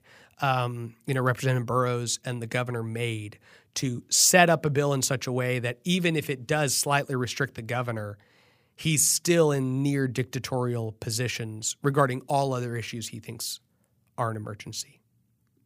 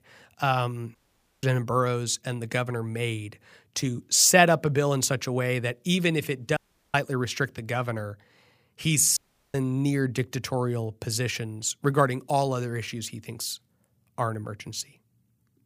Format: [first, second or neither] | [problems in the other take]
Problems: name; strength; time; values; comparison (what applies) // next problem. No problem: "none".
first | audio cutting out; at 1 s, at 6.5 s and at 9 s